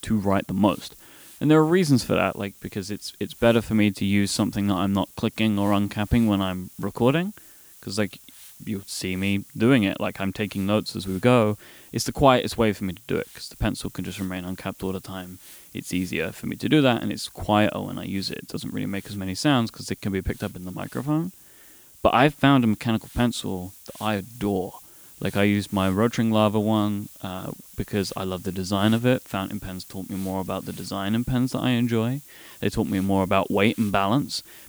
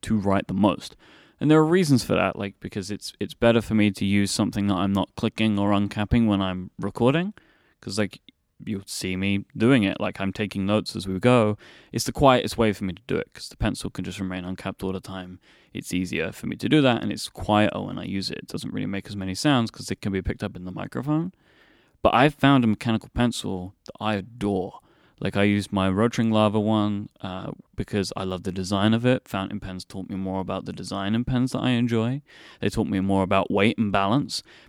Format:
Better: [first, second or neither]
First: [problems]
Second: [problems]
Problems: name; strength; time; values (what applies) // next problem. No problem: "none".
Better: second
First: hiss; faint; throughout; 20 dB below the speech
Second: none